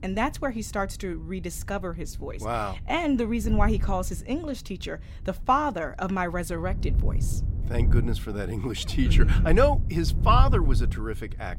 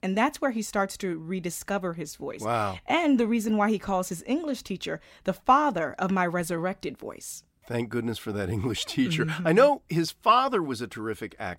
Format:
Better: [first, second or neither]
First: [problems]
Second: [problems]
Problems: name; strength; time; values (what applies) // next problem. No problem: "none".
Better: second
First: wind noise on the microphone; occasional gusts; 15 dB below the speech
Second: none